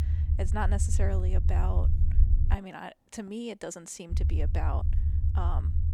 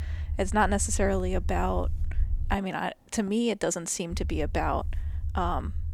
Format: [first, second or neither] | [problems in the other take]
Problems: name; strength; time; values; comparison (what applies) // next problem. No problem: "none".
second | low rumble; loud; until 2.5 s and from 4 s on; 8 dB below the speech; faint in the second